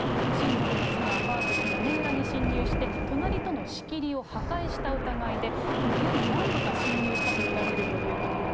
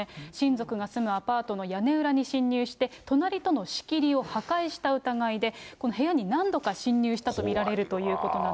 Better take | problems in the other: second | background sound (Wind + Fixed-wing aircraft, airplane); 5 dB above the speech

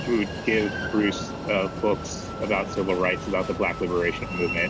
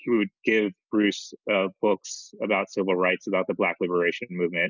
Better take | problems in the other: second | background sound (Train); 6 dB below the speech

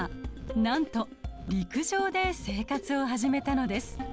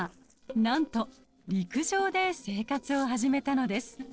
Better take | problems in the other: first | noise reduction (neural separator model SepFormer DNS4)

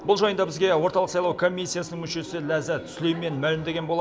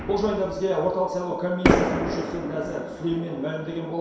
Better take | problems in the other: first | background sound (Fireworks); 1 dB below the speech // room echo; dies away in 0.7 s

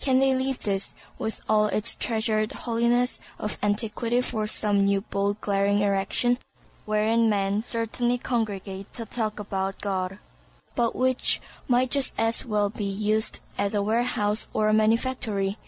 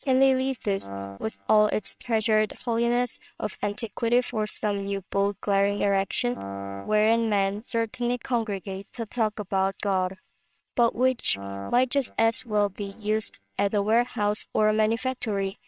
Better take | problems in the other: first | noise reduction (neural separator model SepFormer WHAMR!)

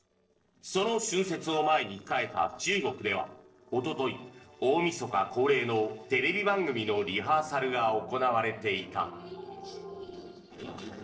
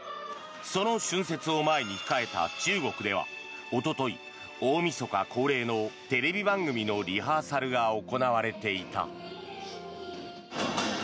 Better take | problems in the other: second | noise reduction (neural separator model SepFormer DNS4)

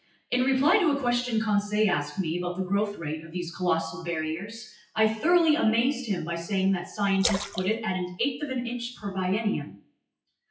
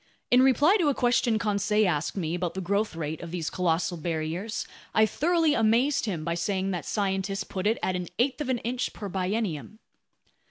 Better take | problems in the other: second | noise reduction (classical method WPE with log-MMSE)

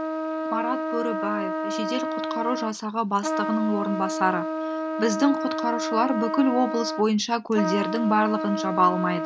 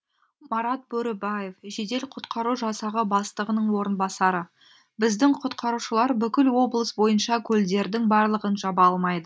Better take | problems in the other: second | background sound (Trumpet); 3 dB below the speech

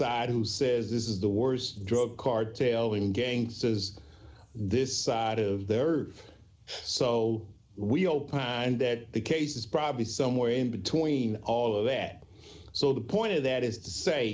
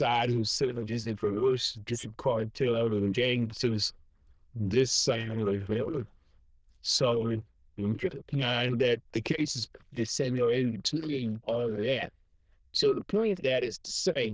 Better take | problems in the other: first | noise reduction (neural diffusion model UNIVERSE++)

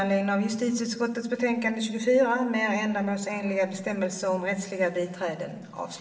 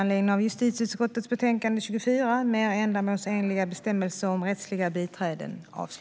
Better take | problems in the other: second | room echo; dies away in 1.1 s

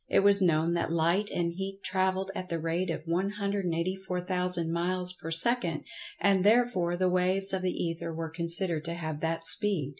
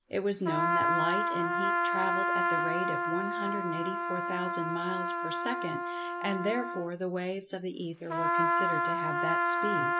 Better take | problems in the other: first | background sound (Trumpet); 5 dB above the speech

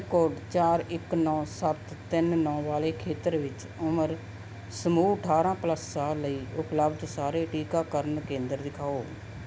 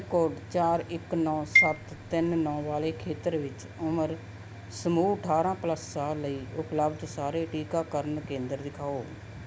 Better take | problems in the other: first | background sound (Marimba, xylophone); 1 dB above the speech

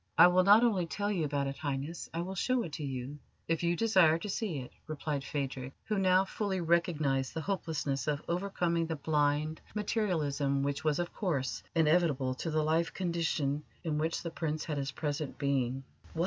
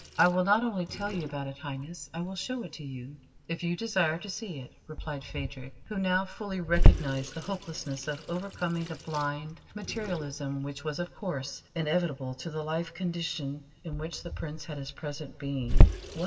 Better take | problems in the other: first | background sound (Sink (filling or washing) / Water tap, faucet); 3 dB above the speech // room echo; dies away in 0.7 s

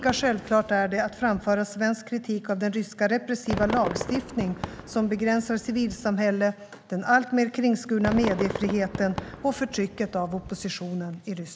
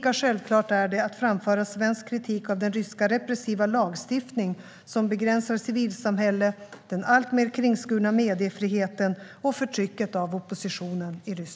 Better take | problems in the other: second | background sound (Fireworks); 12 dB below the speech

